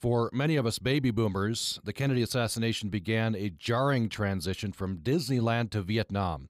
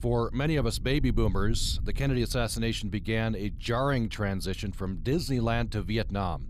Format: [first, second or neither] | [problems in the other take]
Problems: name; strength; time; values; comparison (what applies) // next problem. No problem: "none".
first | low rumble; faint; throughout; 25 dB below the speech